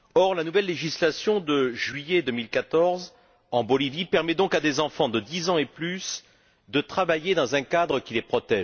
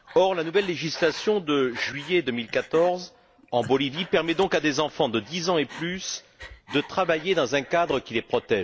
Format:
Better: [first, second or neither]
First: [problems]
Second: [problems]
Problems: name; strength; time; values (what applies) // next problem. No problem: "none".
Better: first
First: none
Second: background sound (Breathing); 20 dB below the speech